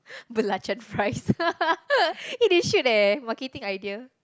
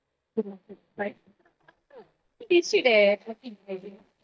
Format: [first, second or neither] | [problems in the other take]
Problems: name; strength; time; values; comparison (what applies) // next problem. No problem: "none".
first | noise reduction (neural mask model DeepFilterNet 3)